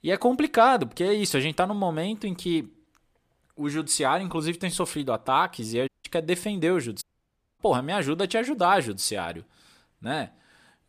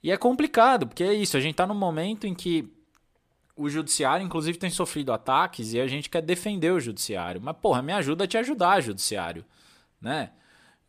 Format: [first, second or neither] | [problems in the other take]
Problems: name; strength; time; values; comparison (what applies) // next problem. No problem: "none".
second | audio cutting out; at 6 s and at 7 s for 0.5 s